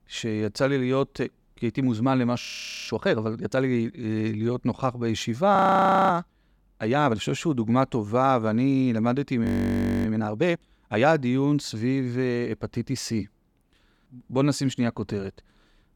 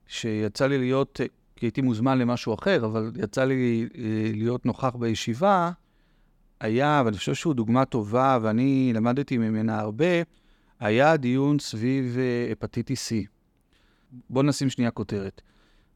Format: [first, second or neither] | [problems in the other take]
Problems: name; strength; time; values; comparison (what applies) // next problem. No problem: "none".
second | audio freezing; at 2.5 s, at 5.5 s for 0.5 s and at 9.5 s for 0.5 s